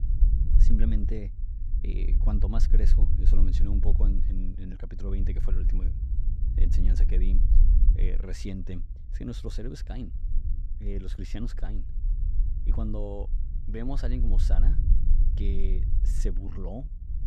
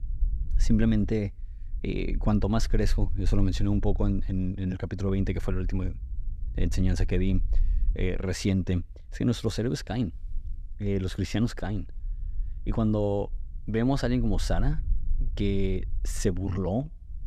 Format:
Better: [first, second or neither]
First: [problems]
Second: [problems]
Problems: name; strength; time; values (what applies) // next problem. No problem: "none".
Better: second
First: low rumble; loud; throughout; 6 dB below the speech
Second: low rumble; faint; throughout; 25 dB below the speech